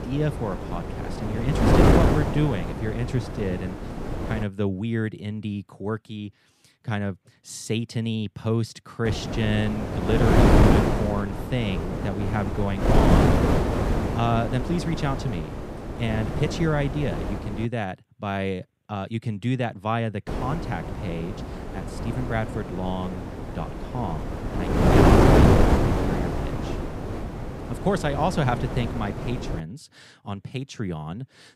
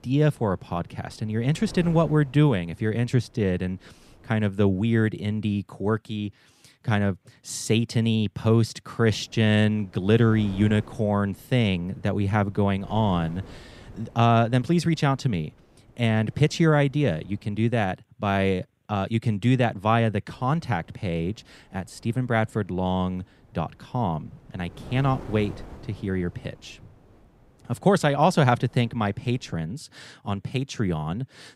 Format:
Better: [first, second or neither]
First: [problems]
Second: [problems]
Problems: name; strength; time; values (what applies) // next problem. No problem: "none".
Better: second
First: wind noise on the microphone; heavy; until 4.5 s, from 9 to 18 s and from 20 to 30 s; 3 dB above the speech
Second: wind noise on the microphone; occasional gusts; until 4.5 s, from 9 to 18 s and from 20 to 30 s; 25 dB below the speech